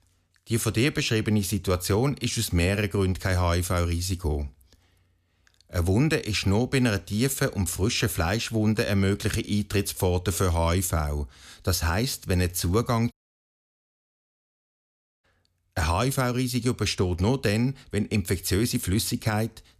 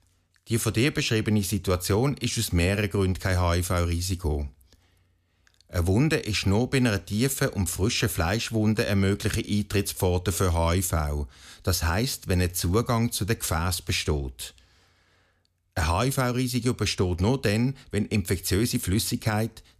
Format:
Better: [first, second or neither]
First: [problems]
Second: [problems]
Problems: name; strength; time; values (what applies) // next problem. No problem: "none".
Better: second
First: audio cutting out; at 13 s for 2 s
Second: none